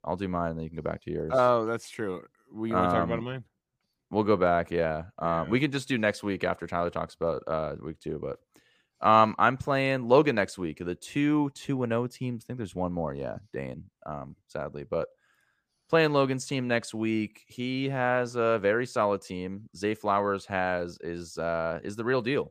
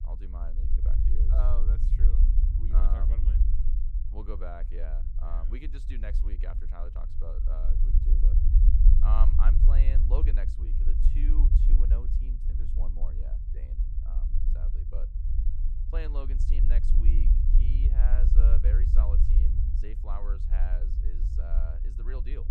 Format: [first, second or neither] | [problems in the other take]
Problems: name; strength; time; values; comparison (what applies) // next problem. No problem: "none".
first | low rumble; loud; throughout; 3 dB below the speech